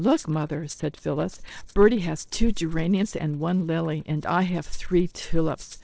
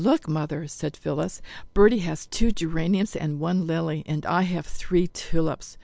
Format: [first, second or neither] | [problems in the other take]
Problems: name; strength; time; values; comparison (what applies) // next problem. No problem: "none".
second | noise reduction (neural separator model SepFormer DNS4)